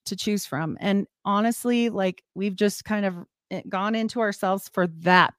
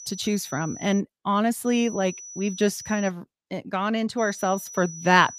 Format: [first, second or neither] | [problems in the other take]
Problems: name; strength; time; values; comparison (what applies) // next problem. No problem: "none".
first | high-pitched whine; noticeable; until 1 s, from 1.5 to 3 s and from 4 s on; 6 kHz, 15 dB below the speech